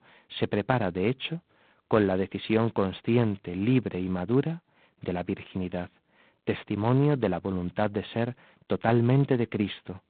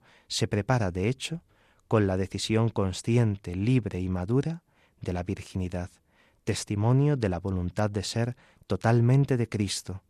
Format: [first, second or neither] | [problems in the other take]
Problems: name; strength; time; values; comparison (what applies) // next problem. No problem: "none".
second | phone-call audio; poor line; nothing above 4 kHz